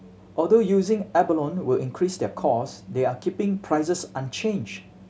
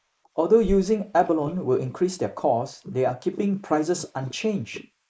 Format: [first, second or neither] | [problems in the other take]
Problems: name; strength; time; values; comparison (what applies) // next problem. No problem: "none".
first | noise reduction (neural mask model Resemble Enhance denoiser)